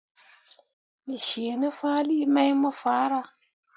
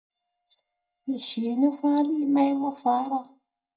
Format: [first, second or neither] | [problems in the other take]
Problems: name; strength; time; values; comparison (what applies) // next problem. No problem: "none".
first | noise reduction (neural mask model DeepFilterNet 3)